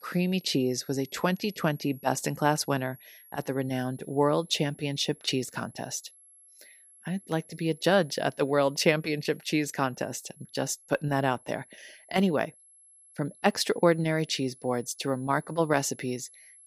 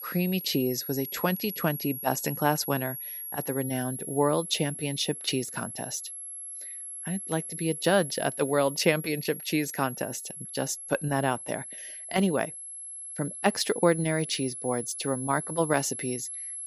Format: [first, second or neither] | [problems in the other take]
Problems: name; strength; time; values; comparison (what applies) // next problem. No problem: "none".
first | high-pitched whine; loud; throughout; 11.5 kHz, 7 dB below the speech; faint in the first